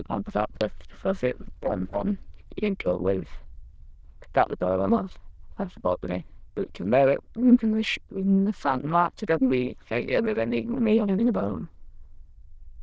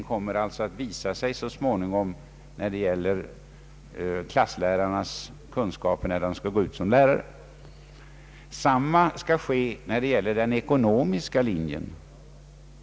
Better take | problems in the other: second | noise reduction (neural diffusion model UNIVERSE++)

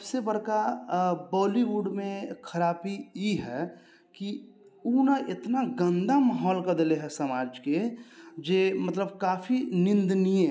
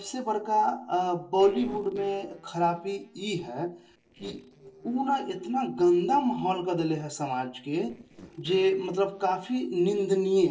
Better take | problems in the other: first | noise reduction (neural separator model SepFormer DNS4)

